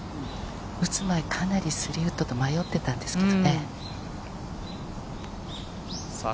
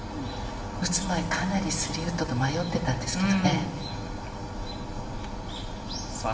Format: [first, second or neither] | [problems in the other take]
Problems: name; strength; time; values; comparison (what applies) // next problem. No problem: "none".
first | background sound (Wind instrument, woodwind instrument); 19 dB below the speech // room echo; dies away in 1.1 s